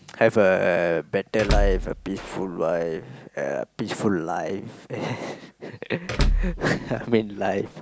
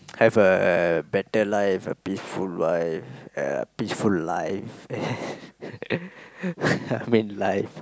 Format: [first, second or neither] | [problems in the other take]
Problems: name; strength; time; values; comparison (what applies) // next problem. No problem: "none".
second | background sound (Door / Car); 1 dB below the speech